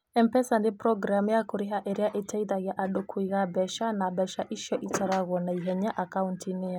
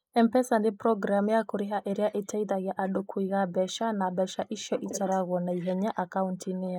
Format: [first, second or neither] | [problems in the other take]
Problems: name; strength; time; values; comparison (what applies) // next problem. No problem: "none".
first | noise reduction (neural mask model Resemble Enhance denoiser)